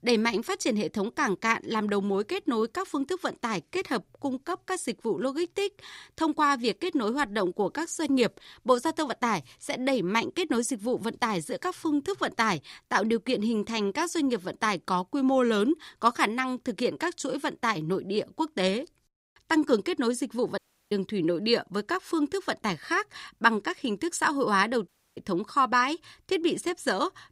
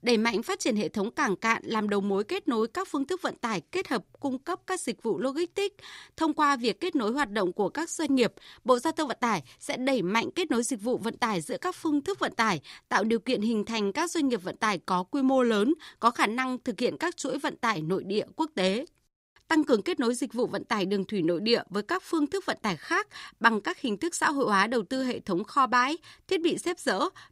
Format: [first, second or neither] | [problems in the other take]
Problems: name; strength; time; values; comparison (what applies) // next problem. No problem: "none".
second | audio cutting out; at 21 s and at 25 s